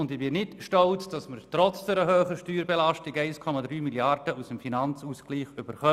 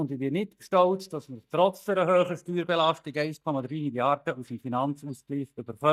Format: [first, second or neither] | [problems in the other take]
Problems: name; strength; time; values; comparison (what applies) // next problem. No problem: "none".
first | noise reduction (neural mask model DeepFilterNet 3)